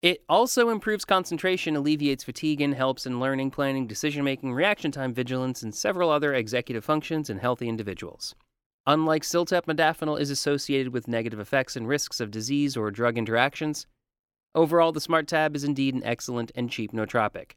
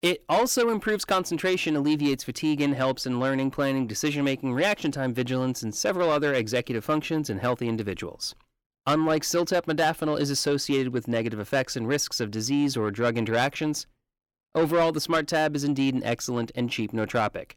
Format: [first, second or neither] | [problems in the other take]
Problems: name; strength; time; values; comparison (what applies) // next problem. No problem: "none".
first | distortion; slight; 10 dB below the speech